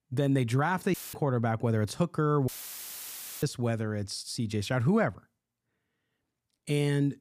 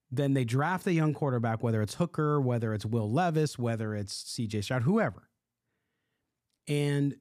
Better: second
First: audio cutting out; filled with static; at 1 s and at 2.5 s for 1 s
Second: none

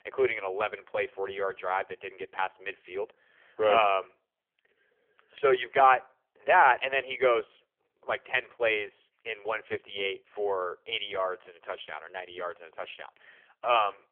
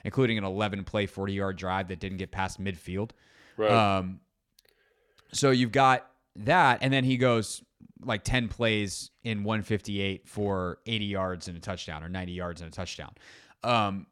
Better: second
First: phone-call audio; poor line; nothing above 3.5 kHz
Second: none

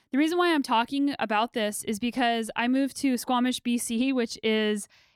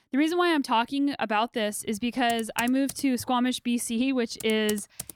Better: first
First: none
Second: keyboard typing; faint; from 2.5 s on; peak 10 dB below the speech

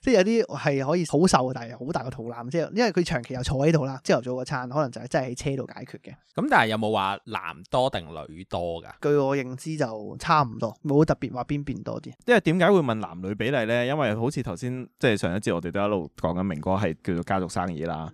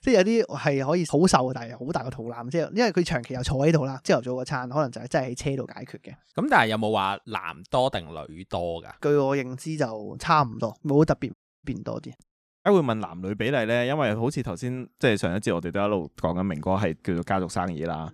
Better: first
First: none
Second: audio cutting out; at 11 s and at 12 s

